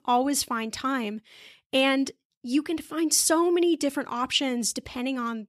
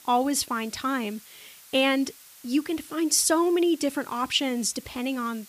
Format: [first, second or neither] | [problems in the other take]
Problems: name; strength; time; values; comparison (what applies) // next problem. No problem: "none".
first | hiss; faint; throughout; 20 dB below the speech